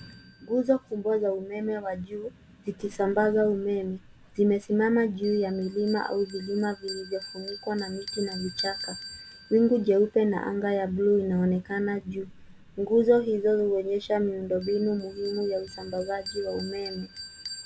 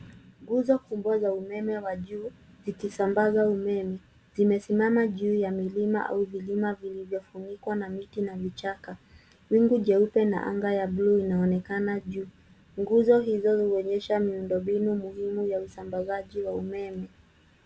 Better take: second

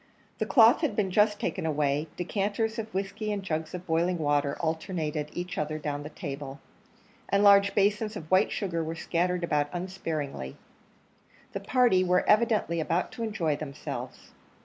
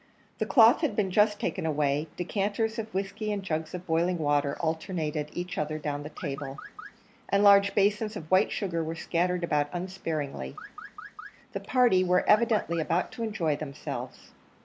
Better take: first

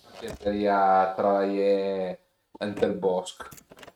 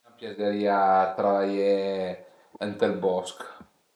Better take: second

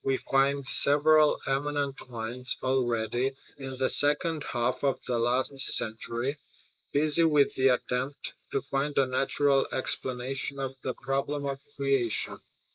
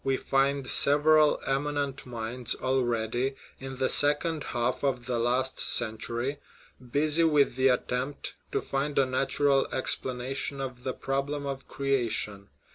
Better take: second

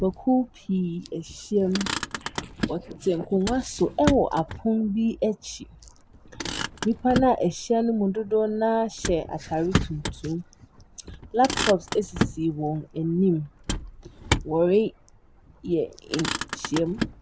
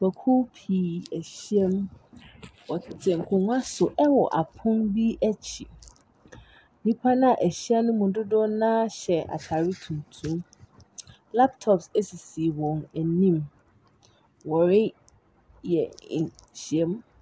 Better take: second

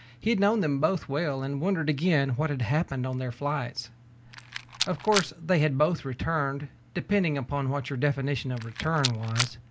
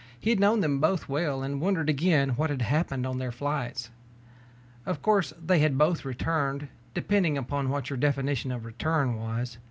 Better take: second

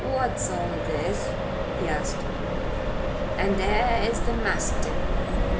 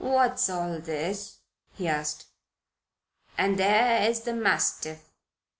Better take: second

